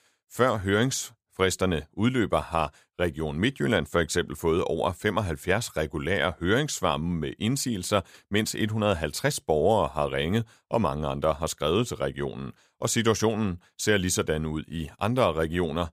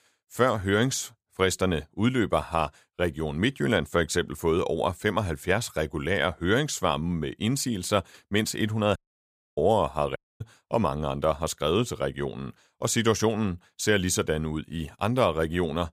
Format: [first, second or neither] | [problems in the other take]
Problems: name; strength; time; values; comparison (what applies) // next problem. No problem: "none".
first | audio cutting out; at 9 s for 0.5 s and at 10 s